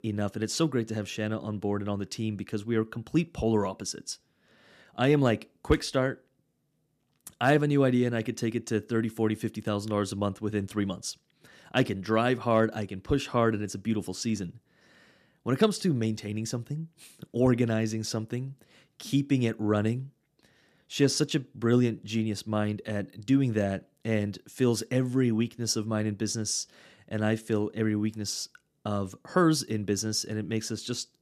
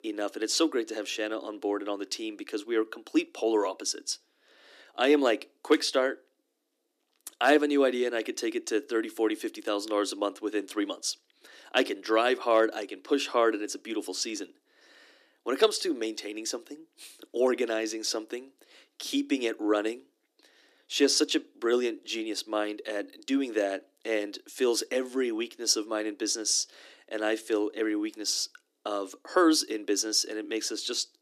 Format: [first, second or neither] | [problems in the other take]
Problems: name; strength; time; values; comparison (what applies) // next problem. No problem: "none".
first | thin; somewhat; fading below 300 Hz